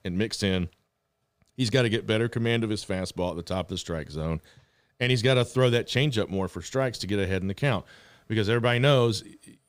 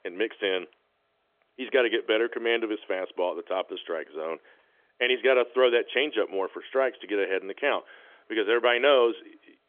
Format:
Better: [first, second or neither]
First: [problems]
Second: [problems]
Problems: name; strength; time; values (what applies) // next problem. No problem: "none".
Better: first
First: none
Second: phone-call audio; nothing above 3.5 kHz